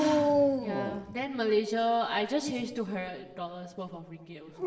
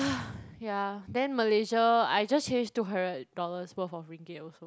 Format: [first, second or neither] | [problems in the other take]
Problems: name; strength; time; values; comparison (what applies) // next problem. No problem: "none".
second | background sound (Dog); as loud as the speech // room echo; dies away in 1.1 s